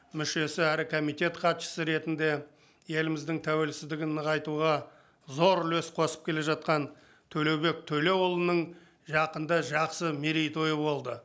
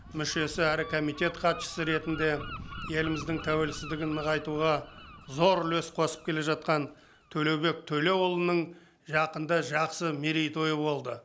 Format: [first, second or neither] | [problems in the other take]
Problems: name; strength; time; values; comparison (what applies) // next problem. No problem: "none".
first | background sound (Gull, seagull); 16 dB below the speech